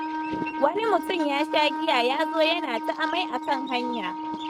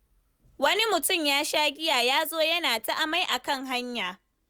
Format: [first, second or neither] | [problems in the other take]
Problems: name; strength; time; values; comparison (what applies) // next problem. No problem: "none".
second | noise reduction (neural mask model RNNoise)